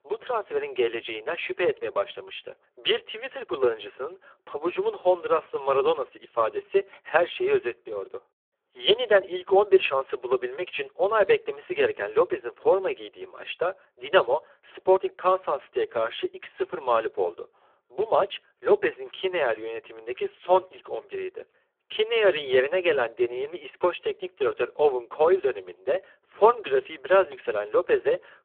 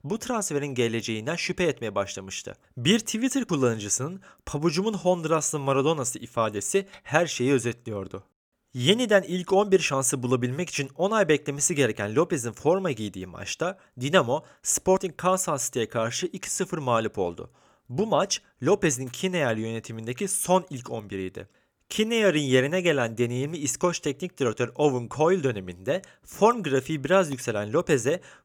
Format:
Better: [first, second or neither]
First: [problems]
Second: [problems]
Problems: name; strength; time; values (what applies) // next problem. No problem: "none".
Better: second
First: phone-call audio; poor line; nothing above 3.5 kHz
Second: none